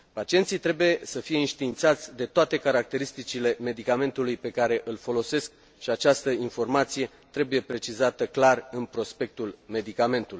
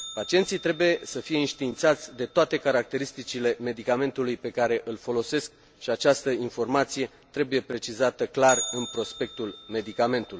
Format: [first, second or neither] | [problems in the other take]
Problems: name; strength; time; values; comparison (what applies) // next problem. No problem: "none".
first | background sound (Bell); 16 dB below the speech